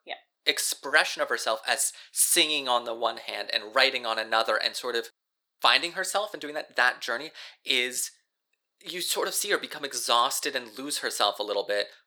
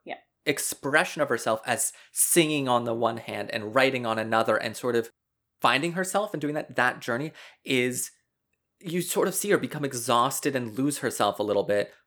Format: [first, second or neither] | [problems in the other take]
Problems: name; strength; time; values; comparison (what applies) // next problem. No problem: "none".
second | thin; somewhat; fading below 550 Hz